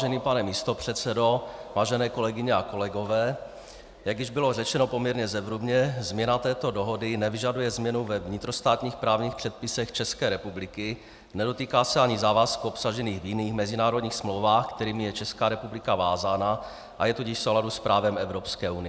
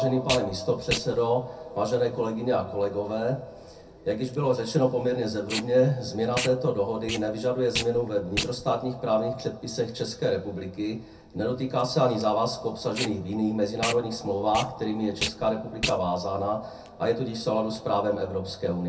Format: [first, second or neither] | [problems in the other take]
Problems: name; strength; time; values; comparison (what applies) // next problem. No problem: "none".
first | background sound (Packing tape, duct tape); 12 dB below the speech // room echo; dies away in 0.3 s